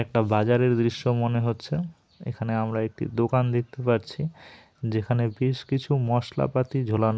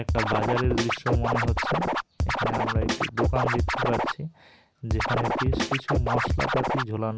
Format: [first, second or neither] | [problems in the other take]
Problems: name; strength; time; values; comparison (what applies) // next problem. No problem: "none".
first | background sound (Scratching (performance technique)); 5 dB above the speech